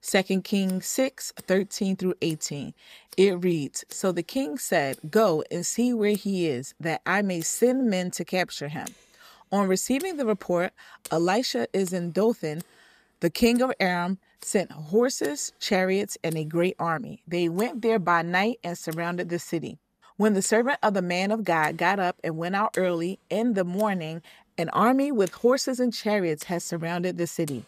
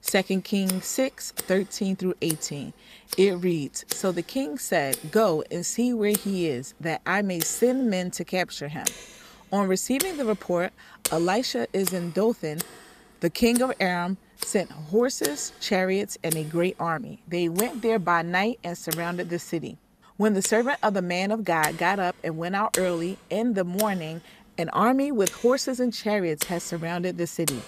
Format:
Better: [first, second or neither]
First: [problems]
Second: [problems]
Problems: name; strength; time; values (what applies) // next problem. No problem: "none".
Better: first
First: household noises; faint; throughout; 20 dB below the speech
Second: household noises; loud; throughout; 7 dB below the speech